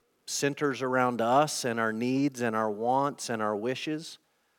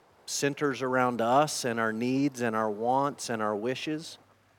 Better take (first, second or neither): first